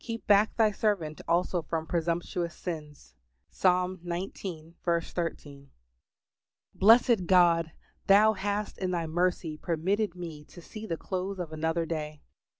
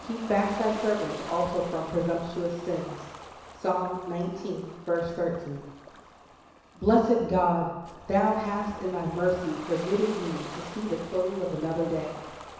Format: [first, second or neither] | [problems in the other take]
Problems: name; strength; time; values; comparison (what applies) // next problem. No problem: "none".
first | background sound (Ocean); 14 dB below the speech // room echo; dies away in 1 s